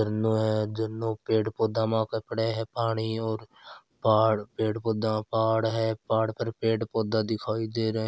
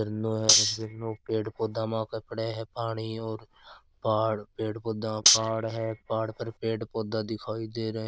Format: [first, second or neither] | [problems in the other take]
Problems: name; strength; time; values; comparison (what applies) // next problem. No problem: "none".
first | noise reduction (neural diffusion model UNIVERSE++)